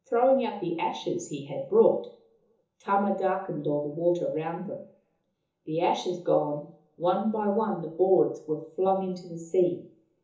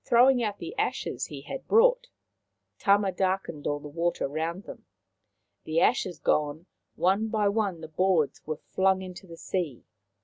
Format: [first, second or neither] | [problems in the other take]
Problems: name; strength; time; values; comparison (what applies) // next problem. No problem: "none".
second | room echo; dies away in 0.7 s